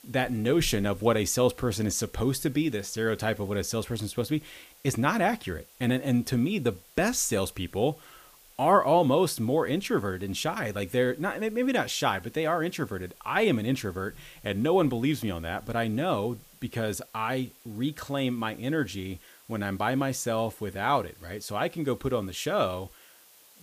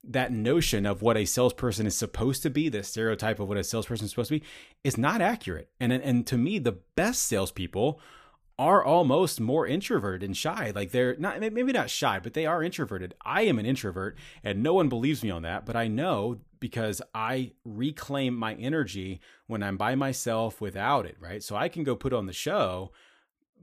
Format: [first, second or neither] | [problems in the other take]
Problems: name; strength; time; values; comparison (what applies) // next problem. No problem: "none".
second | hiss; faint; throughout; 25 dB below the speech